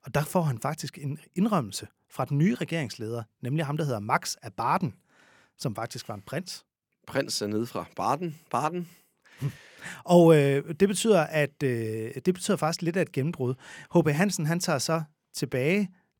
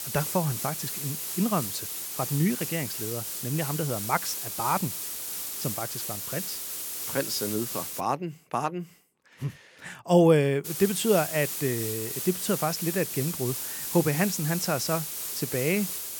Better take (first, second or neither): first